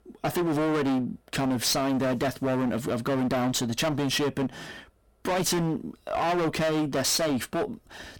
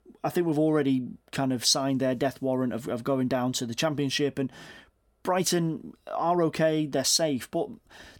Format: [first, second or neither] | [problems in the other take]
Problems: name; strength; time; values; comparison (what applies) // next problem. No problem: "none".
second | distortion; heavy; 27% of the sound clipped